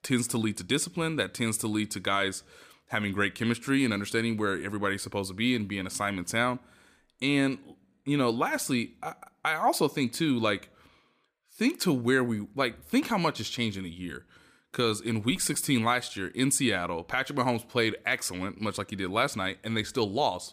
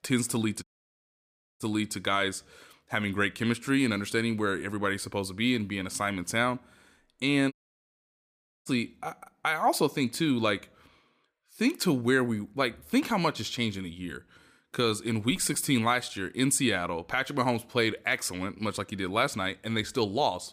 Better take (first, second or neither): first